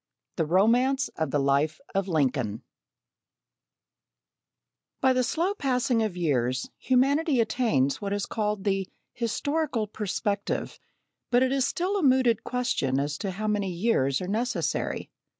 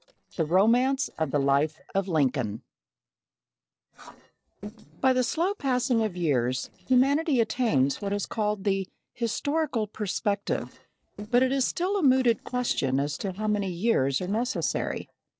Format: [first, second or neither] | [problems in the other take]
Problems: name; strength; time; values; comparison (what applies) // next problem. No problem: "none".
first | noise reduction (neural separator model SepFormer DNS4)